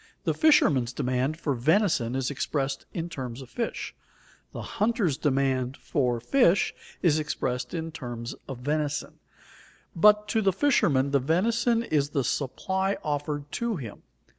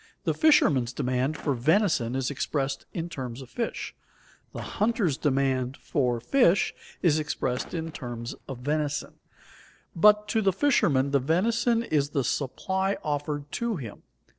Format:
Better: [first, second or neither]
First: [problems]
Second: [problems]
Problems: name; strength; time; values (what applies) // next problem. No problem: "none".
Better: first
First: none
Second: noise reduction (neural separator model SepFormer DNS4)